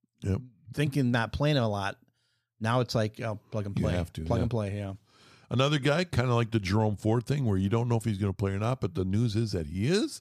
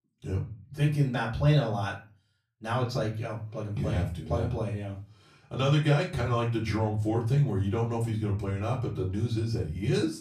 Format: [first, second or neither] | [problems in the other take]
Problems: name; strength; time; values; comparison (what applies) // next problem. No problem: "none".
first | off-mic speech; far // room echo; slight; dies away in 0.3 s